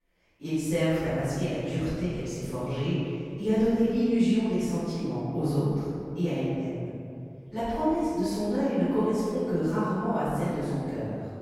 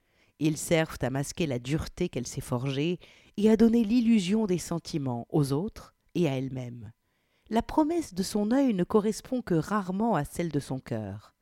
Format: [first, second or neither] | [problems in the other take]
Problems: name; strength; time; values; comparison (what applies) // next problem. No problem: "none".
second | room echo; strong; dies away in 2.3 s // off-mic speech; far